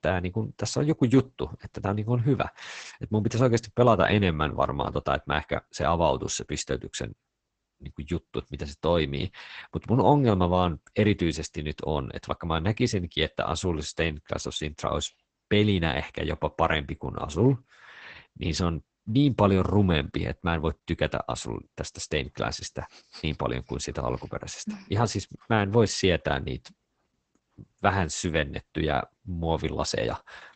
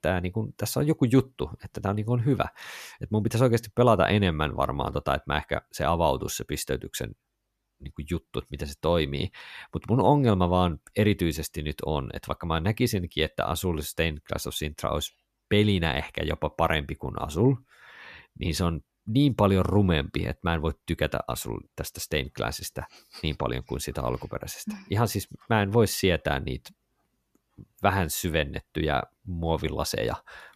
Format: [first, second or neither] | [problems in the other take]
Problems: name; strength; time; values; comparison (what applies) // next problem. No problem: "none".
second | garbled, watery; badly; nothing above 8 kHz